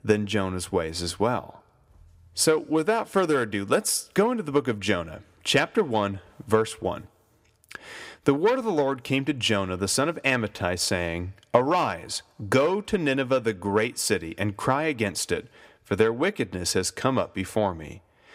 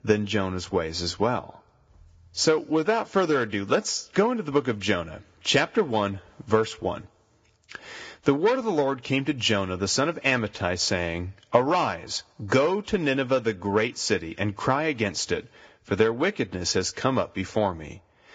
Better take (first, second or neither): first